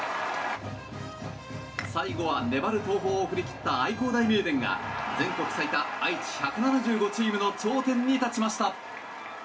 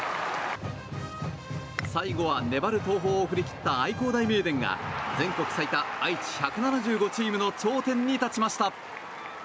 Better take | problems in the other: second | room echo; dies away in 0.2 s

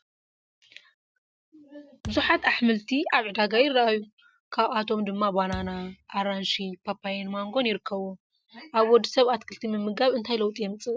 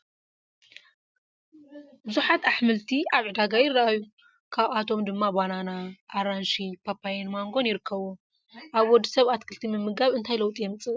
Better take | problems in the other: second | background sound (Thump, thud); 17 dB below the speech

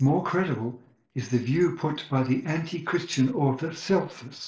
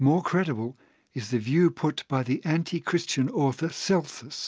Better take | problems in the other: second | noise reduction (neural separator model SepFormer DNS4)

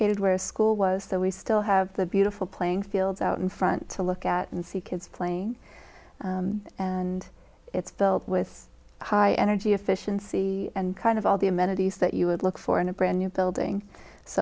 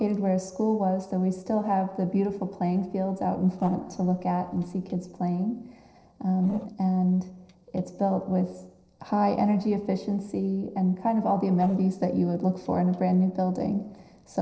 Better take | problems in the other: first | noise reduction (neural separator model SepFormer DNS4)

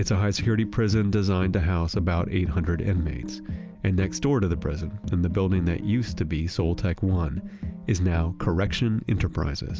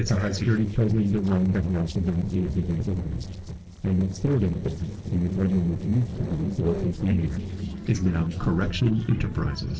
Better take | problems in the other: first | noise reduction (neural separator model SepFormer DNS4)

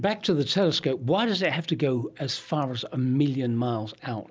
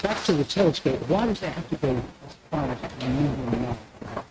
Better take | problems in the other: first | noise reduction (neural mask model RNNoise)

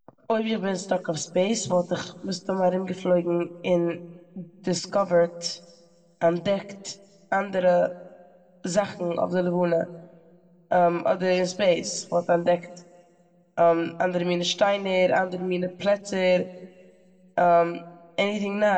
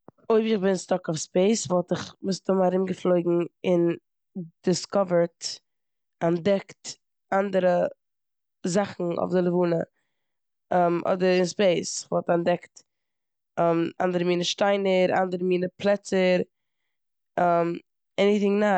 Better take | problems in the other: second | room echo; dies away in 0.9 s

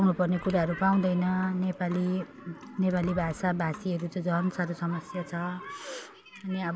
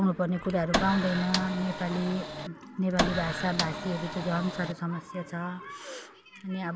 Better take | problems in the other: first | background sound (Printer); 2 dB below the speech

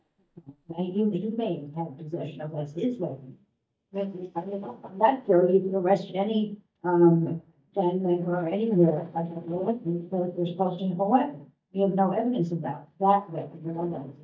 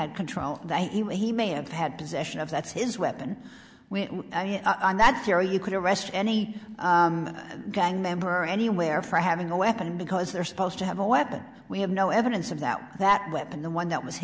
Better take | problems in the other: second | noise reduction (neural mask model DeepFilterNet 3)

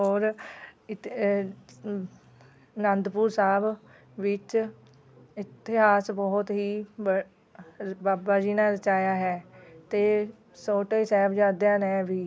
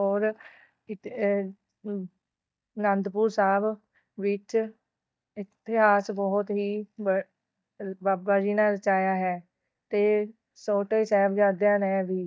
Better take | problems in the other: first | noise reduction (neural mask model DeepFilterNet 3)

